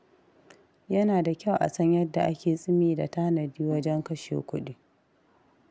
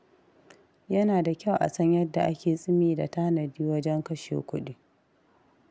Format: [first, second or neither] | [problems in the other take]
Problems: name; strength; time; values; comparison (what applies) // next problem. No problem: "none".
second | background sound (Keyboard (musical)); 15 dB below the speech